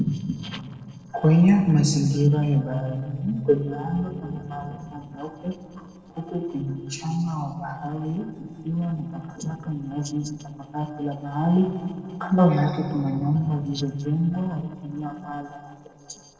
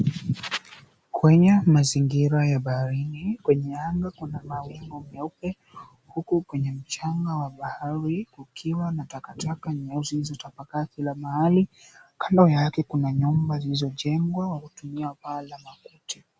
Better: second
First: noise reduction (neural separator model SepFormer DNS4)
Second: none

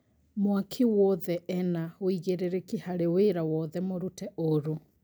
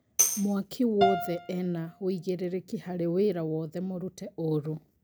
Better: first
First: none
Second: background sound (Tambourine + Piano); 4 dB below the speech

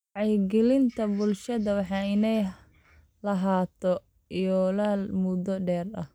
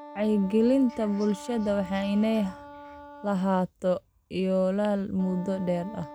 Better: first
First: none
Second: background sound (Wind instrument, woodwind instrument); 18 dB below the speech

